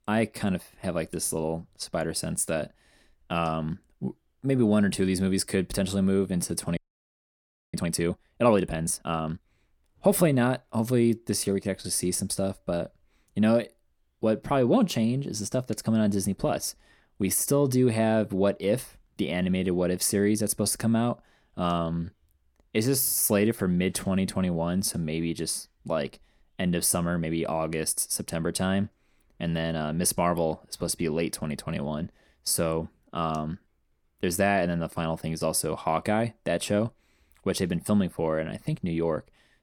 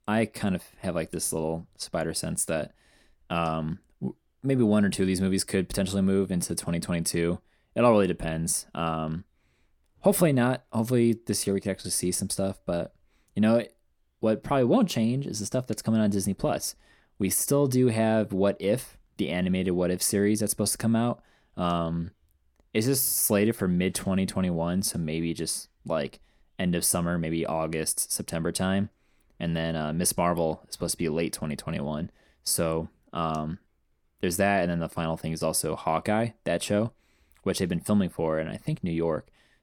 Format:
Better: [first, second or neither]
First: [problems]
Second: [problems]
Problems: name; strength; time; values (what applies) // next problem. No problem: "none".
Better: second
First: audio freezing; at 7 s for 1 s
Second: none